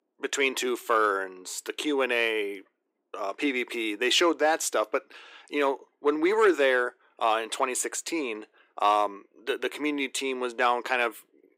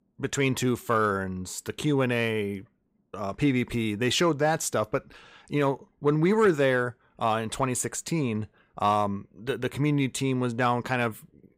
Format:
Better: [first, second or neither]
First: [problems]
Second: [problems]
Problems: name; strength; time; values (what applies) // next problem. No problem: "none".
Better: second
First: thin; somewhat; fading below 300 Hz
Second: none